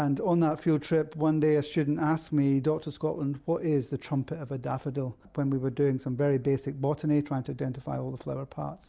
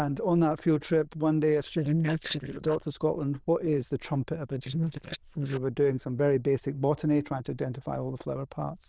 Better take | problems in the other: first | noise reduction (neural diffusion model UNIVERSE++)

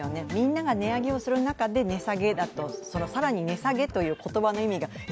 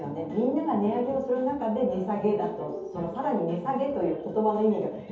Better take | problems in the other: first | room echo; dies away in 0.7 s

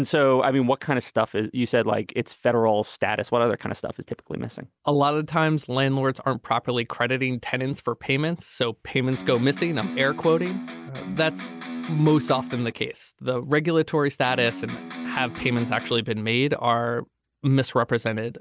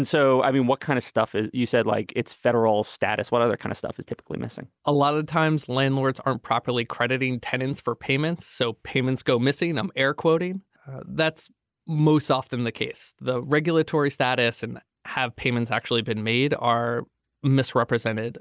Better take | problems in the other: second | background sound (Electric guitar); 10 dB below the speech

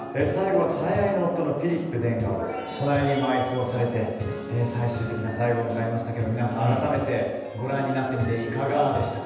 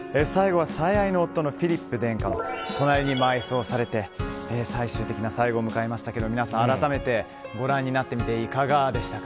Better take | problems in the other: second | background sound (Telephone); 20 dB below the speech // room echo; dies away in 1.1 s

